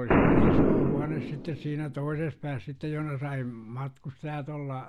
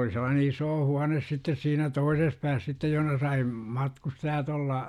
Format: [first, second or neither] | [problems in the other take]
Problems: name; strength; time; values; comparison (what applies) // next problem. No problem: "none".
second | background sound (Boom); 5 dB above the speech